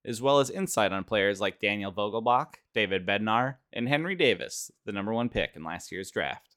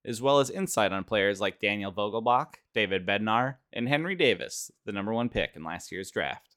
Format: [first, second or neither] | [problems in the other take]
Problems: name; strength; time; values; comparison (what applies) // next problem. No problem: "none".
neither | none